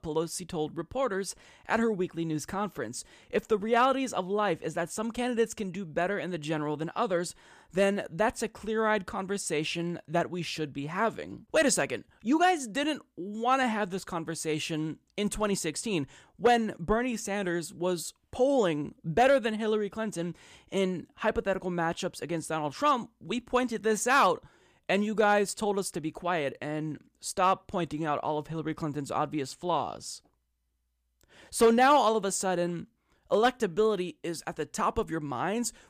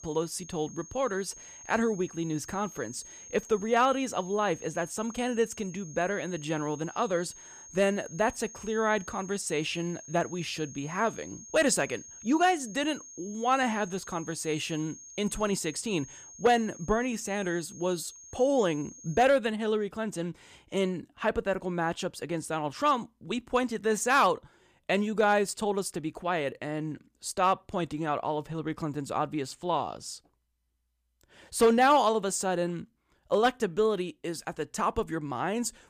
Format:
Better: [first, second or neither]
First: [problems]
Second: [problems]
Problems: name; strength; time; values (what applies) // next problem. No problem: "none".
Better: first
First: none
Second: high-pitched whine; noticeable; until 19 s; 6.5 kHz, 15 dB below the speech